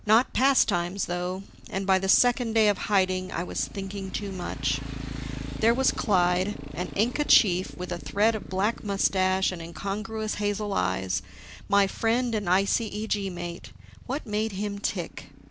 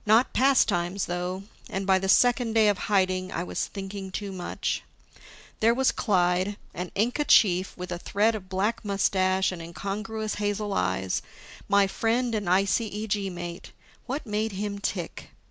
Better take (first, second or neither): second